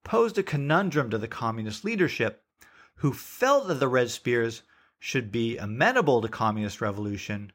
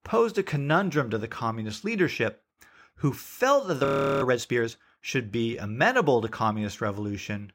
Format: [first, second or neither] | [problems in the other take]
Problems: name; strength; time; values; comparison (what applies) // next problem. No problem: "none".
first | audio freezing; at 4 s